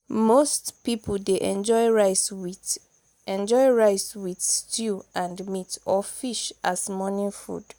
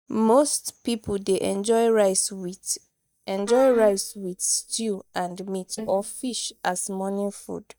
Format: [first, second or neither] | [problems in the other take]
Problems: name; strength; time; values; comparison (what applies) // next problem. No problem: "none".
first | noise reduction (neural mask model DeepFilterNet 3)